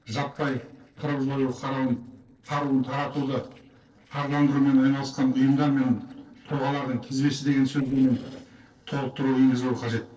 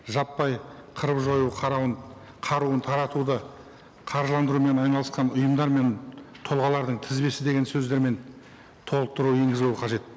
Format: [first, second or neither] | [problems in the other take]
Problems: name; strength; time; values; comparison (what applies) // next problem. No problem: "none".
second | noise reduction (neural separator model SepFormer DNS4)